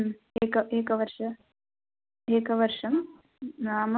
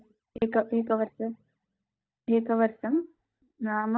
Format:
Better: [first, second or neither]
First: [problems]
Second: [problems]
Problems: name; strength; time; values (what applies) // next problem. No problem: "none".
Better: first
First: none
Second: noise reduction (neural mask model DeepFilterNet 3)